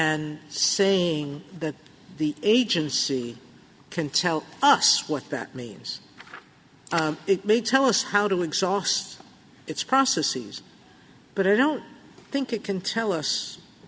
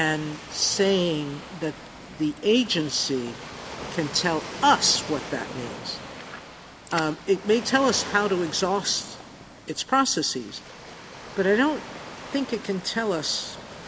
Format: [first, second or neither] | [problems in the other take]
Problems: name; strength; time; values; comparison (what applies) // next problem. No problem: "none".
first | background sound (Waves, surf); 13 dB below the speech